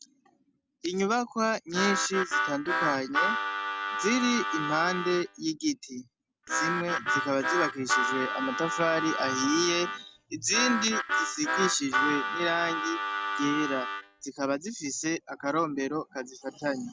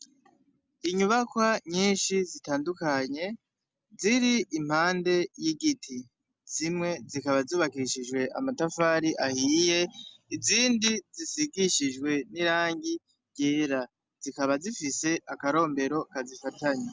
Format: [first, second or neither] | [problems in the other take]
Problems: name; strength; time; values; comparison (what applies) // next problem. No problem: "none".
second | background sound (Harmonica); as loud as the speech